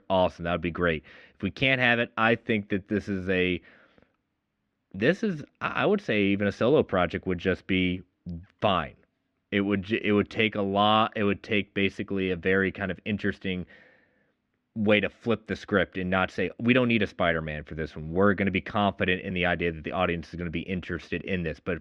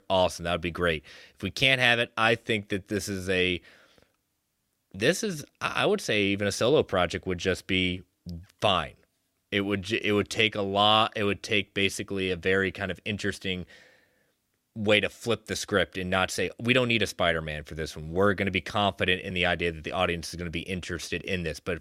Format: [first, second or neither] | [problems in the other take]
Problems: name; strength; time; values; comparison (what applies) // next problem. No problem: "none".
second | muffled; very; fading above 2 kHz